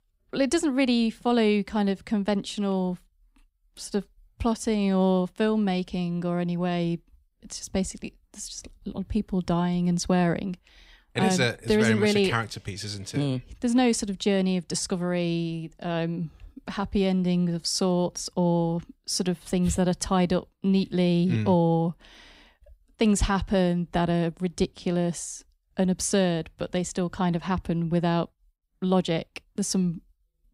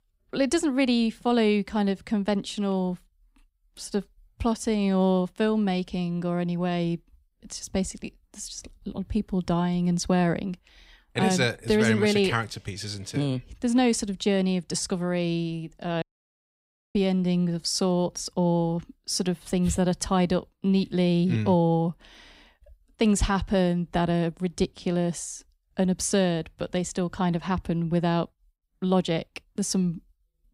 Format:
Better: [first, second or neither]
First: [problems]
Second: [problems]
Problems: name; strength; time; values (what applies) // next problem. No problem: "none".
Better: first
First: none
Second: audio cutting out; at 16 s for 1 s